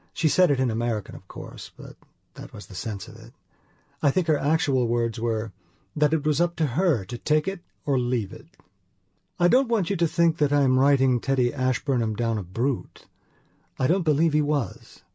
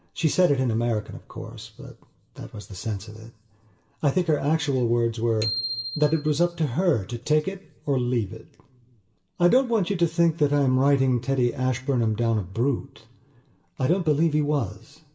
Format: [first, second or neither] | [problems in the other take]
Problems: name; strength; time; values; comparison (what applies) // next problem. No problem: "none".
first | background sound (Bicycle bell); 12 dB below the speech // room echo; dies away in 0.7 s